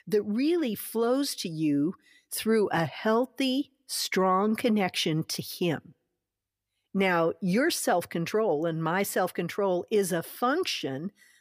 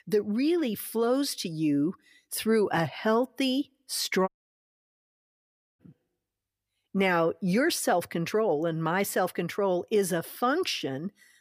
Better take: first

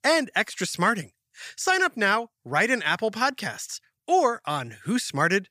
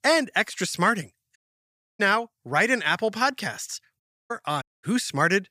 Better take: first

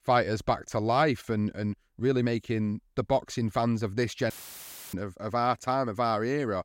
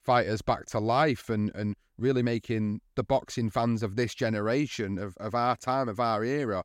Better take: second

